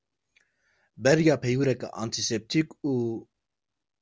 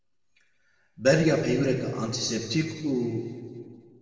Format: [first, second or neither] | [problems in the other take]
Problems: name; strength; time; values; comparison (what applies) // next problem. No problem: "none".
first | room echo; dies away in 2 s